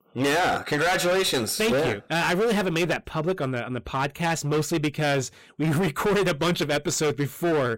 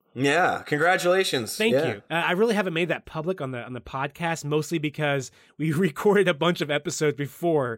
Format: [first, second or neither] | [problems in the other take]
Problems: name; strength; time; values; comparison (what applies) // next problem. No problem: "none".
second | distortion; heavy; 24% of the sound clipped